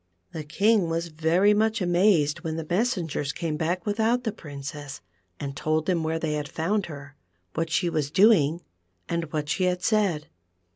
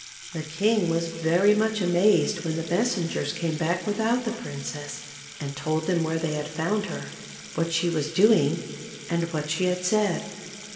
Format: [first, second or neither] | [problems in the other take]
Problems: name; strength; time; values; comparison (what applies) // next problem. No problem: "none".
first | background sound (Sink (filling or washing) / Water tap, faucet); 16 dB below the speech // room echo; dies away in 2.1 s